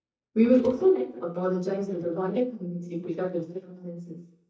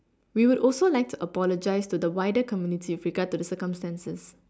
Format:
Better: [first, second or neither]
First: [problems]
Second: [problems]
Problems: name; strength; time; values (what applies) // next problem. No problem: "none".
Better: second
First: noise reduction (neural mask model DeepFilterNet 3)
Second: none